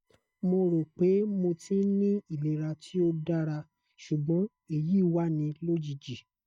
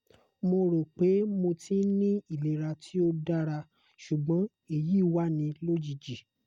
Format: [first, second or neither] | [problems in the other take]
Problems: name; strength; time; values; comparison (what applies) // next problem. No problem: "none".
second | noise reduction (neural mask model DeepFilterNet 3)